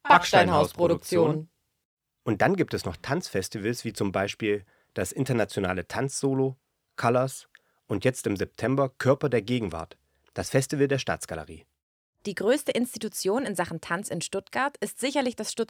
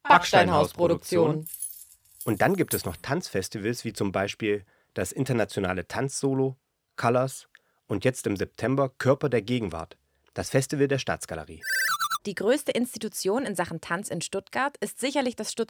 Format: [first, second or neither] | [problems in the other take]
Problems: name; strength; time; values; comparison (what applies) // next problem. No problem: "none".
first | jangling keys; noticeable; from 1.5 to 3 s; peak 6 dB below the speech // phone ringing; loud; at 12 s; peak 3 dB above the speech